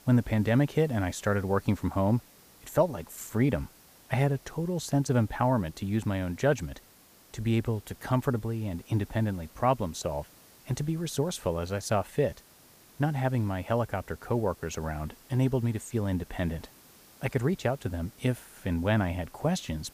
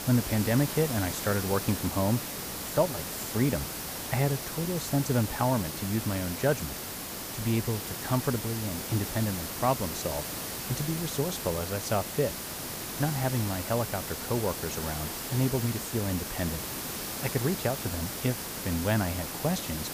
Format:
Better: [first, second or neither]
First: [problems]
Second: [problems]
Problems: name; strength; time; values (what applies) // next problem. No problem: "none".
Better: first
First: hiss; faint; throughout; 25 dB below the speech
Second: hiss; loud; throughout; 4 dB below the speech